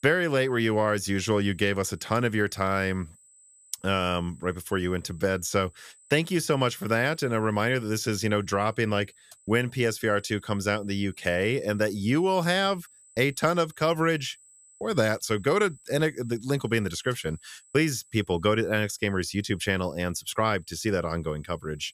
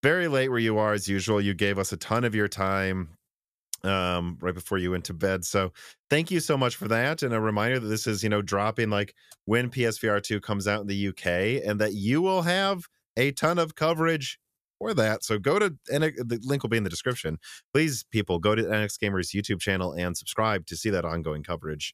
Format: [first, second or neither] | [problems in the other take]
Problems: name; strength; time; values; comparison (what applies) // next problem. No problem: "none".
second | high-pitched whine; faint; throughout; 8 kHz, 25 dB below the speech